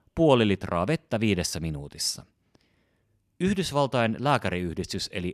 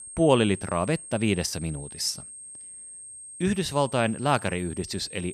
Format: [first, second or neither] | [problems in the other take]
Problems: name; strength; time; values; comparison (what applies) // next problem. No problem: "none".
first | high-pitched whine; noticeable; throughout; 8.5 kHz, 15 dB below the speech